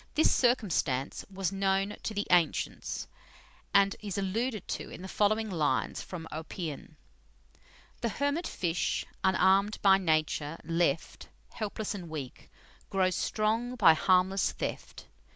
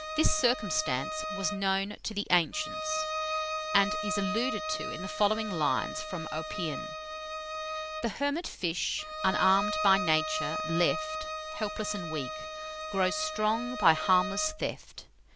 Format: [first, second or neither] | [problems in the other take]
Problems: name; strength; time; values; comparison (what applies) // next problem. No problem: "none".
first | background sound (Bowed string instrument); 5 dB below the speech